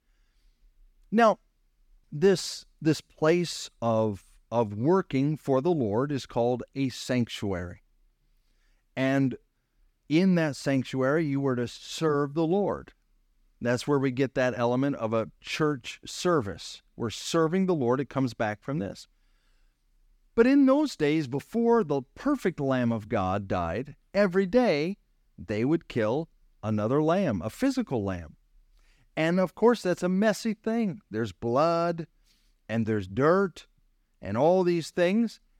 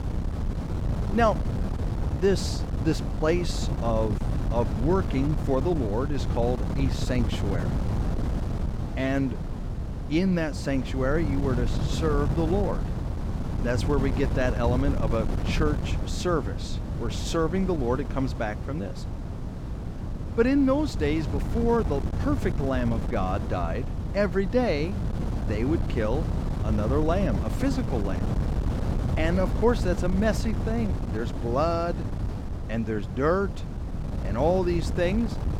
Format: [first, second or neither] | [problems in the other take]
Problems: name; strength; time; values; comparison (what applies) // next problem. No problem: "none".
first | wind noise on the microphone; heavy; 9 dB below the speech